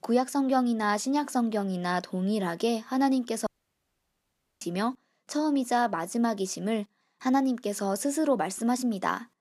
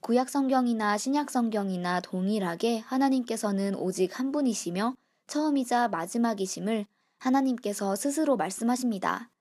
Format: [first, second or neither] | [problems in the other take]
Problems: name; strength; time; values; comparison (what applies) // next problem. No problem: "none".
second | audio cutting out; at 3.5 s for 1 s